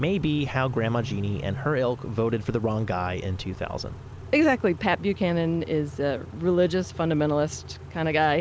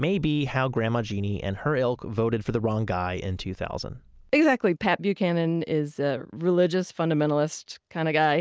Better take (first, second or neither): second